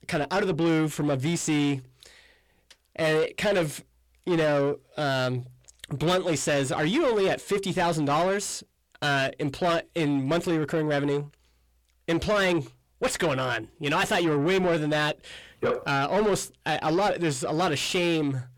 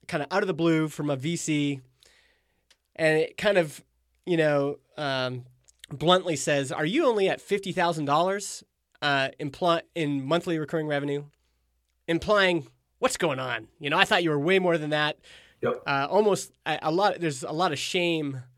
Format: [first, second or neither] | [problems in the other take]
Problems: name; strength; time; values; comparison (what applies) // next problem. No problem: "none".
second | distortion; heavy; 8 dB below the speech